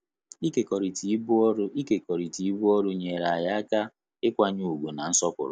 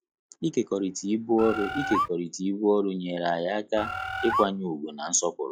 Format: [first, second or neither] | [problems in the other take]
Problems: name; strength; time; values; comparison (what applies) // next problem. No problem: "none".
first | noise reduction (classical method log-MMSE)